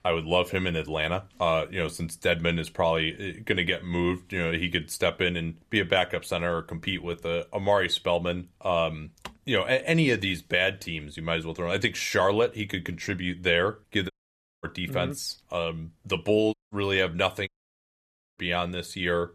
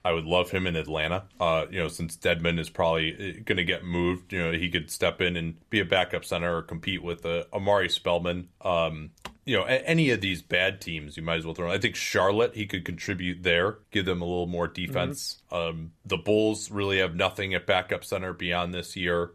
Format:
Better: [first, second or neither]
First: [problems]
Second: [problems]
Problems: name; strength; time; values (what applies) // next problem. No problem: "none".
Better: second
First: audio cutting out; at 14 s for 0.5 s and at 17 s for 1 s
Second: none